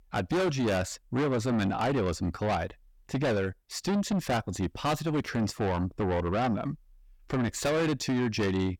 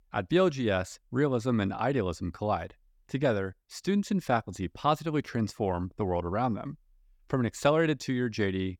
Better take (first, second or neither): second